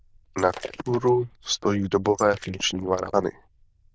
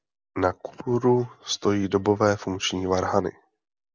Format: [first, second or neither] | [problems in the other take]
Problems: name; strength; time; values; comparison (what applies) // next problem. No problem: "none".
second | noise reduction (neural diffusion model UNIVERSE++)